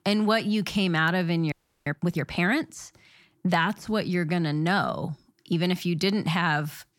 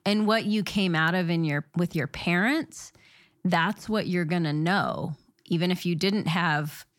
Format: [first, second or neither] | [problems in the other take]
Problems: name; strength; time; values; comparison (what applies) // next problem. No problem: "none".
second | audio freezing; at 1.5 s